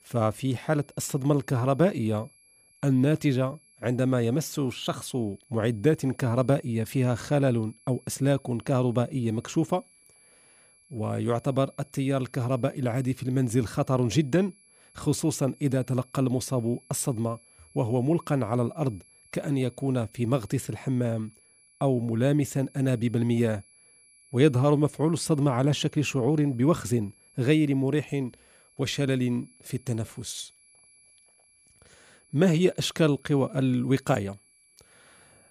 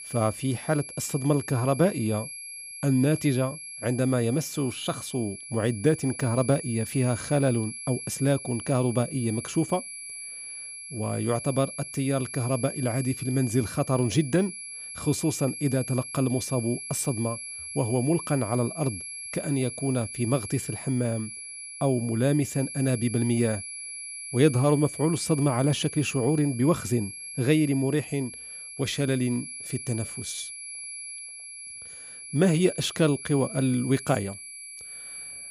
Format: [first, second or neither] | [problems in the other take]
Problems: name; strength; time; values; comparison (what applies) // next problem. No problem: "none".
first | high-pitched whine; loud; throughout; 11 kHz, 10 dB below the speech; faint in the first